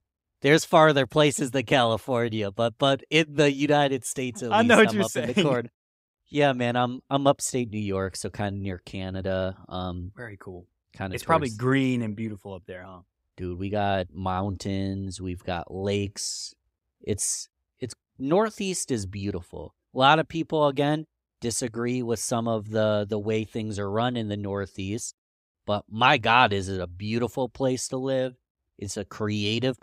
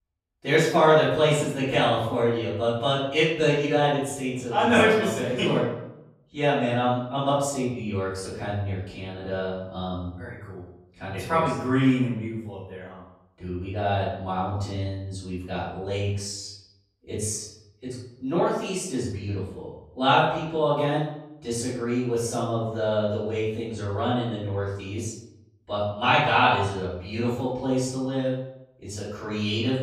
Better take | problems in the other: first | off-mic speech; far // room echo; noticeable; dies away in 0.7 s

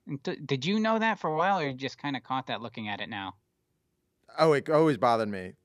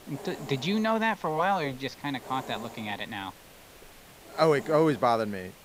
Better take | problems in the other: first | hiss; noticeable; throughout; 20 dB below the speech

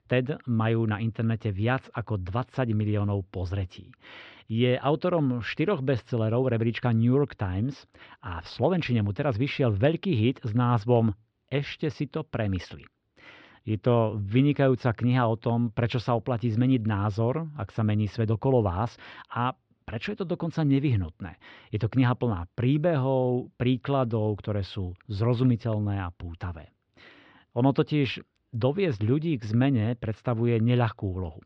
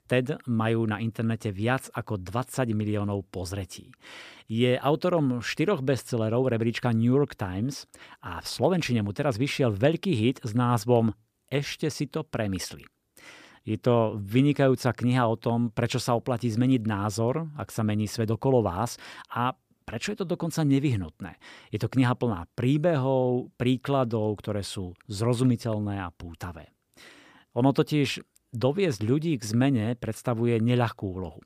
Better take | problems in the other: second | muffled; slightly; fading above 4 kHz

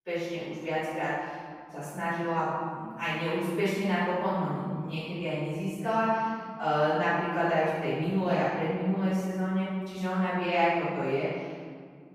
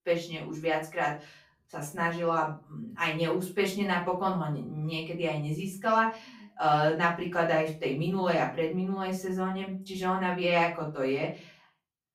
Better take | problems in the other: second | room echo; strong; dies away in 2 s; slight in the second // off-mic speech; far; far in the second

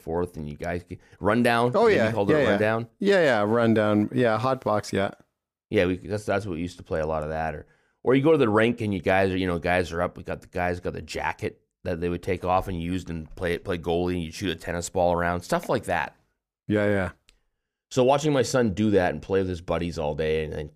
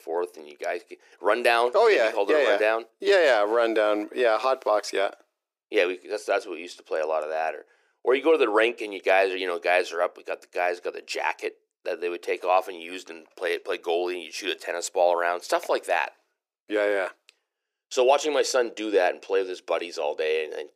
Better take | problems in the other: first | thin; very; fading below 350 Hz

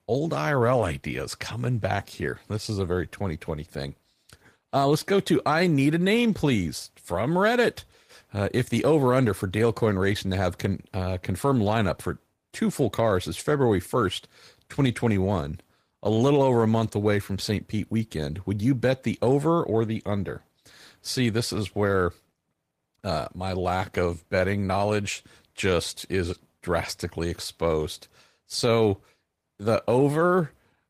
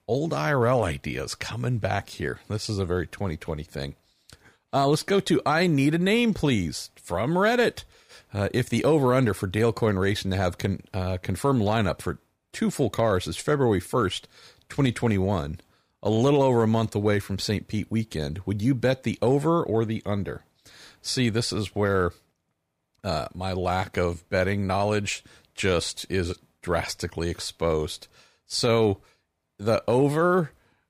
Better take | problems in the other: second | garbled, watery; slightly

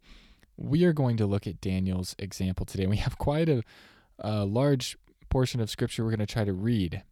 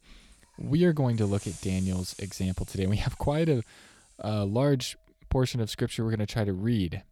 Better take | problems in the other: first | household noises; noticeable; throughout; 20 dB below the speech

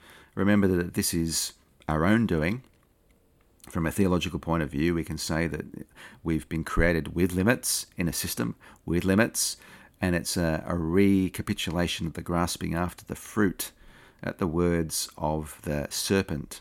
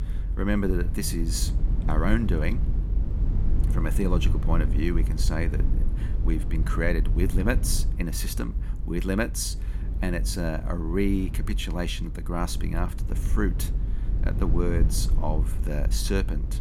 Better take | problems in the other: first | low rumble; noticeable; throughout; 10 dB below the speech

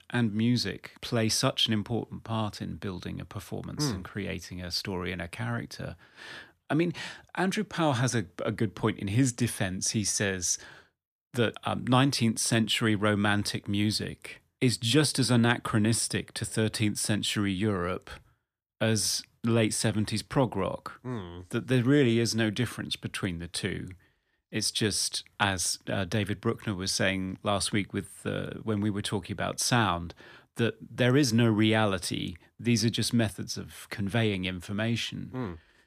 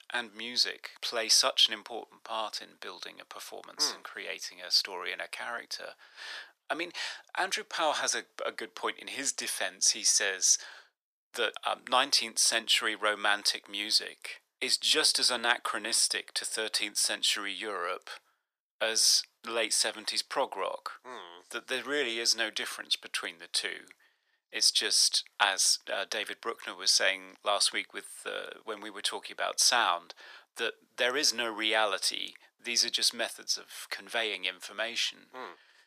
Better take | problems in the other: first | thin; very; fading below 550 Hz

